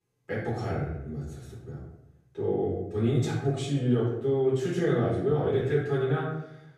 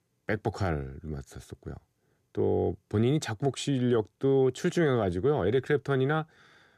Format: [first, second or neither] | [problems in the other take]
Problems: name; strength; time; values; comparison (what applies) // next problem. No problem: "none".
second | off-mic speech; far // room echo; noticeable; dies away in 0.7 s